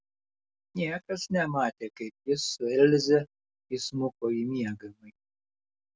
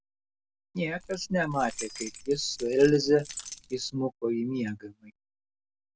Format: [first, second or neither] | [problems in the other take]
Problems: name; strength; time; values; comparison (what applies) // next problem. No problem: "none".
first | background sound (Keys jangling); 14 dB below the speech